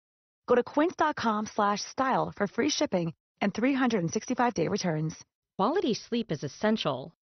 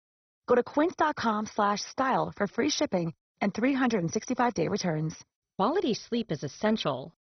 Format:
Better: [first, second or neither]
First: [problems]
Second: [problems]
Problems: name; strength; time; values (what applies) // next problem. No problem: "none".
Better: first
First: garbled, watery; slightly; nothing above 6 kHz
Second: garbled, watery; badly; nothing above 6 kHz